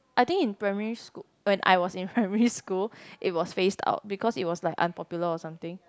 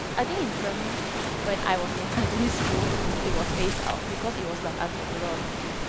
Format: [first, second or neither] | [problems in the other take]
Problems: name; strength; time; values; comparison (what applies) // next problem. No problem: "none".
first | background sound (Waves, surf); 3 dB above the speech